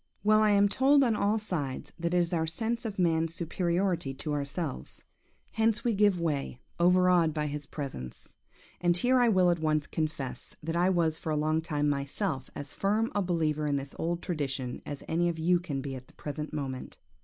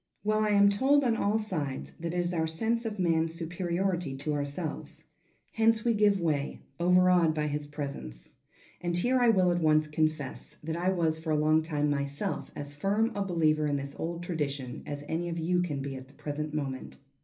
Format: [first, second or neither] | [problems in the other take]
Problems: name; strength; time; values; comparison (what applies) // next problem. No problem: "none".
first | room echo; dies away in 0.3 s